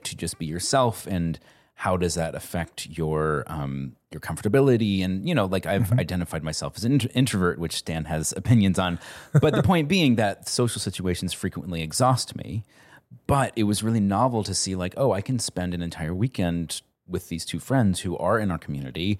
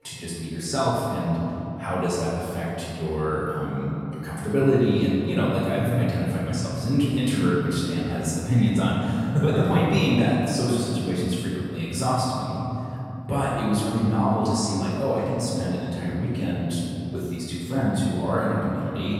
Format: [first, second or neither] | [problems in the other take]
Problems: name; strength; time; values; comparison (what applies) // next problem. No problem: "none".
first | room echo; strong; dies away in 3 s // off-mic speech; far